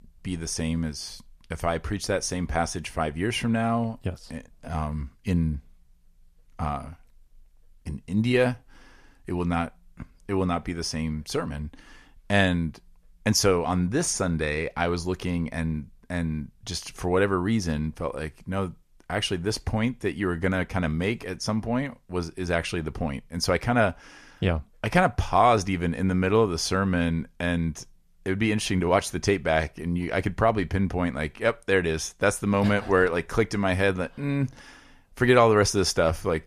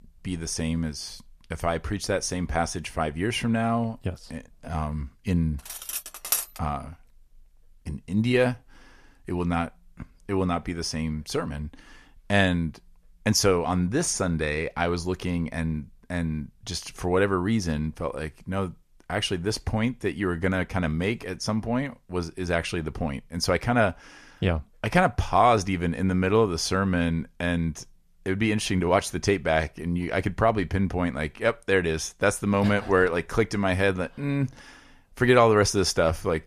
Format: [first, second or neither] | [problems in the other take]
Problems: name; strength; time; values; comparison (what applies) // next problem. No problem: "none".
first | clattering dishes; noticeable; at 5.5 s; peak level with the speech